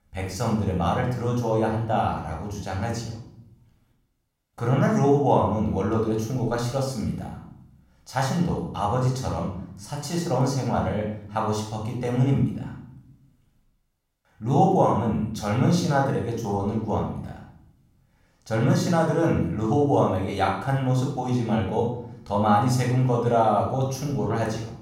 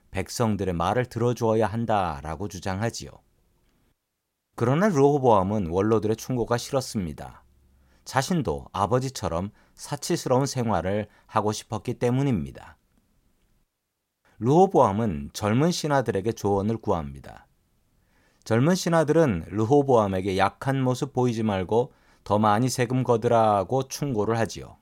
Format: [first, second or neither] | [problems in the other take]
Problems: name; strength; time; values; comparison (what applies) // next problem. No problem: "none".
second | off-mic speech; somewhat distant // room echo; noticeable; dies away in 0.7 s